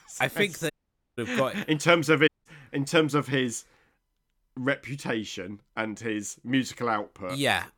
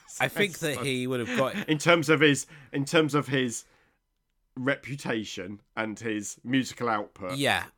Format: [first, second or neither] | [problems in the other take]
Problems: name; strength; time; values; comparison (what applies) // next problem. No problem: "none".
second | audio cutting out; at 0.5 s and at 2.5 s